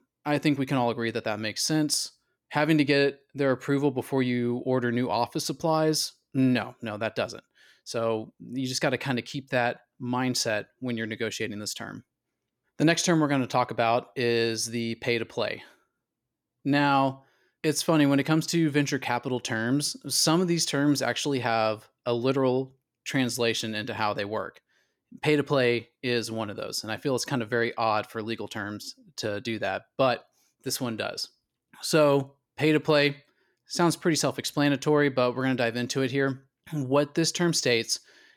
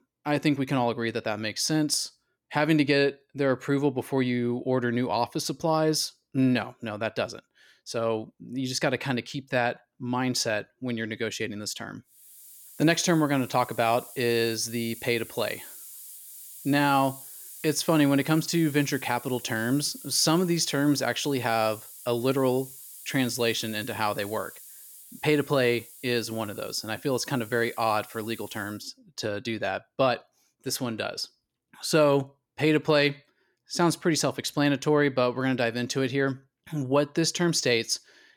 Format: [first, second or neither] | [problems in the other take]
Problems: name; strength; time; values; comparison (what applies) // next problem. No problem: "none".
first | hiss; noticeable; from 12 to 29 s; 15 dB below the speech